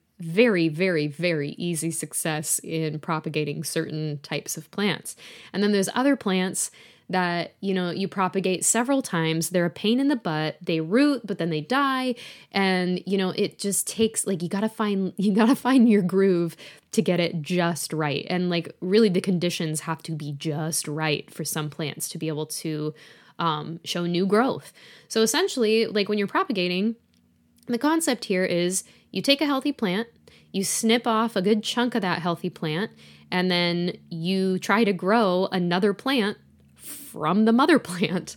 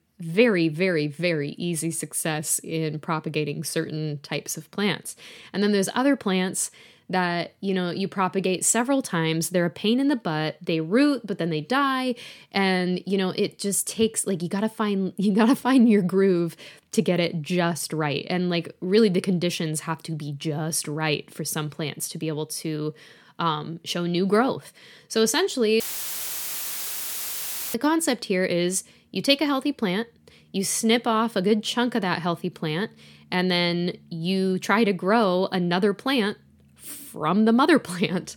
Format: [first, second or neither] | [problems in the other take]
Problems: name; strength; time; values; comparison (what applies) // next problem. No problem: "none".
first | audio cutting out; filled with static; at 26 s for 2 s